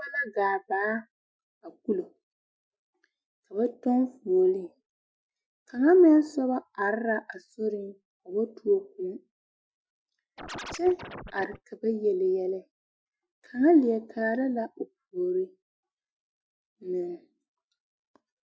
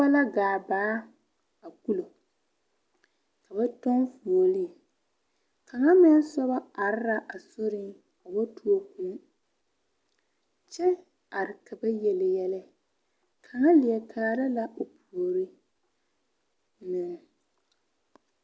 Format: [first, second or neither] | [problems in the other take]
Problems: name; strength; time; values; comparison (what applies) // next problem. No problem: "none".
second | noise reduction (classical method Wiener filter)